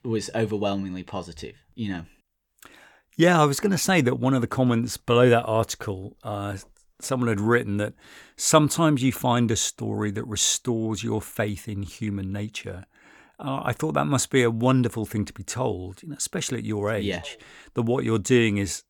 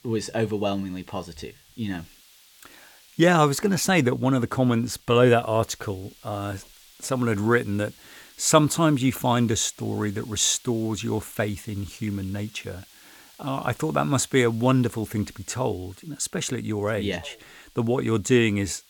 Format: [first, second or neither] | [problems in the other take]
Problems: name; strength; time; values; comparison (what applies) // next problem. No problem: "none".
first | hiss; faint; throughout; 25 dB below the speech